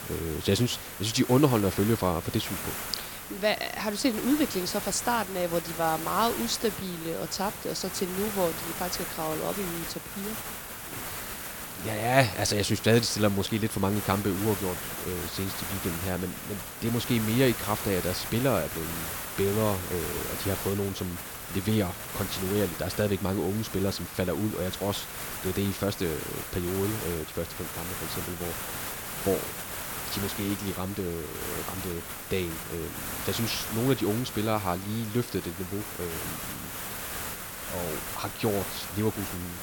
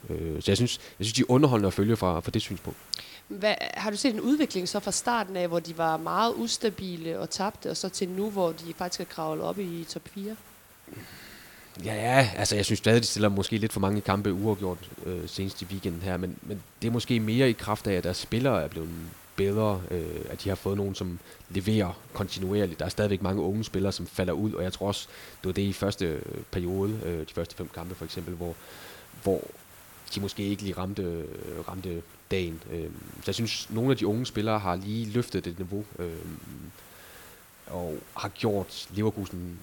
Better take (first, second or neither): second